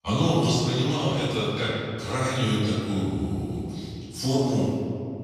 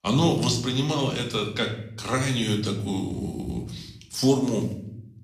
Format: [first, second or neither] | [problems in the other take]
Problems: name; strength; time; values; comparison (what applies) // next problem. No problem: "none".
second | room echo; strong; dies away in 2.2 s; slight in the second // off-mic speech; far; somewhat distant in the second